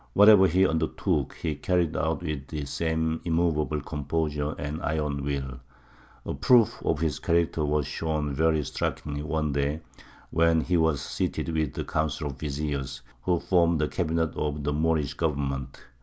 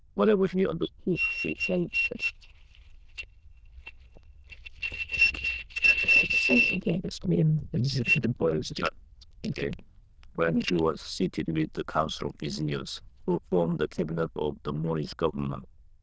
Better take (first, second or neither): first